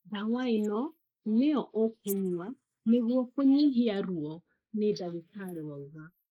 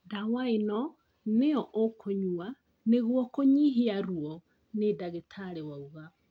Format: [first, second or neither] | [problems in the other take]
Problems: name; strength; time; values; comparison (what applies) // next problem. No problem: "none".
second | noise reduction (neural mask model Resemble Enhance denoiser)